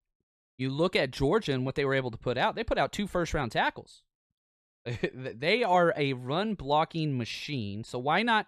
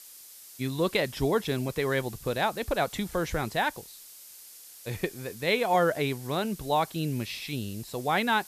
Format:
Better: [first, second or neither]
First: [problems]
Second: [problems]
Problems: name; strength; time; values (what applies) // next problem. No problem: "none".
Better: first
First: none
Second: hiss; noticeable; throughout; 15 dB below the speech